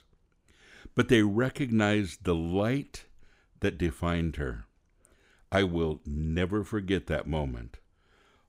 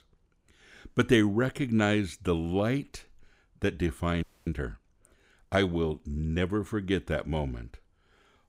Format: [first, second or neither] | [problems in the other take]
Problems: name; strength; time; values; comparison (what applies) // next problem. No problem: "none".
first | audio freezing; at 4 s